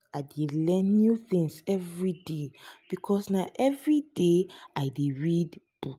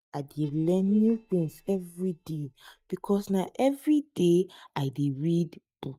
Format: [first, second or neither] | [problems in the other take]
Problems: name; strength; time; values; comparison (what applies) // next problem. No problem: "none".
first | noise reduction (neural mask model DeepFilterNet 3)